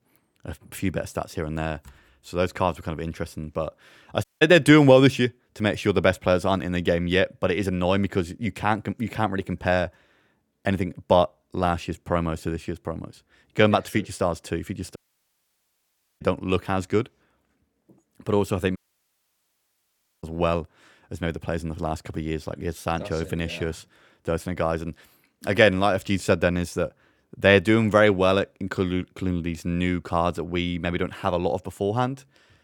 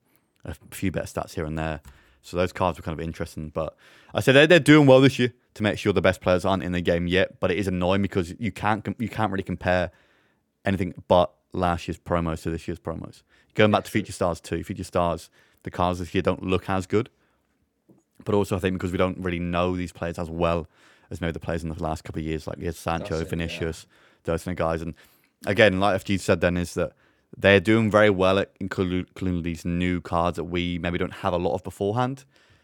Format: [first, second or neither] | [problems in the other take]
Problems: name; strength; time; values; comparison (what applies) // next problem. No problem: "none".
second | audio cutting out; at 4 s, at 15 s for 1 s and at 19 s for 1.5 s